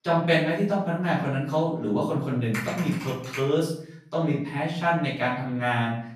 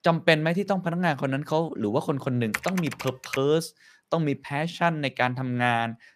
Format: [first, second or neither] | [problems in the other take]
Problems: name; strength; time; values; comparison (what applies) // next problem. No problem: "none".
second | off-mic speech; far // room echo; noticeable; dies away in 0.6 s